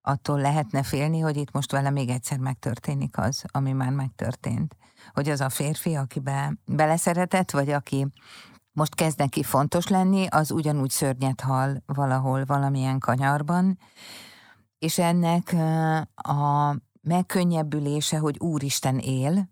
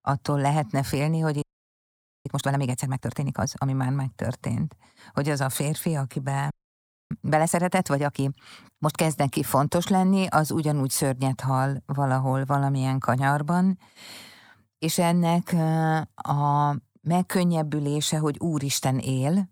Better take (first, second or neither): first